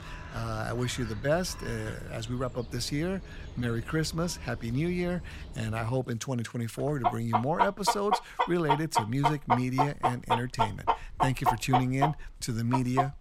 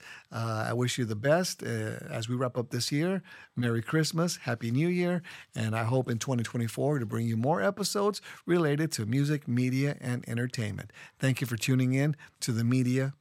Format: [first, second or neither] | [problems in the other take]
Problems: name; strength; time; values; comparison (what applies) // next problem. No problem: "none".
second | animal sounds; very loud; throughout; 1 dB above the speech